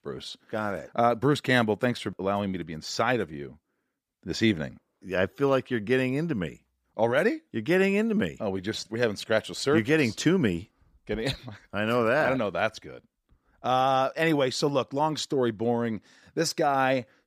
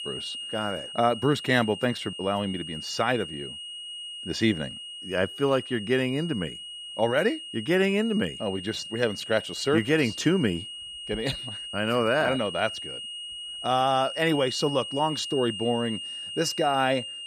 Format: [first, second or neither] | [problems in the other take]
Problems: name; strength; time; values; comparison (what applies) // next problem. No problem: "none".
first | high-pitched whine; loud; throughout; 3 kHz, 9 dB below the speech